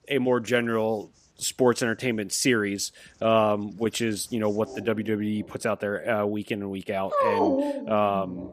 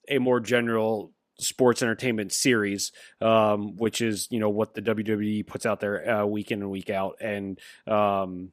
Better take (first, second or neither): second